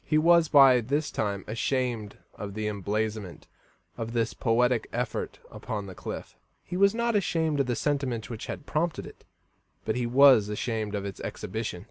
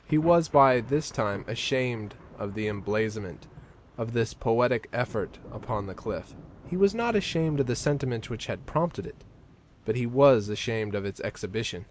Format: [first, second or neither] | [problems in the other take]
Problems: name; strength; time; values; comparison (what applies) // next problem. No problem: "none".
first | background sound (Thunder / Rain); 20 dB below the speech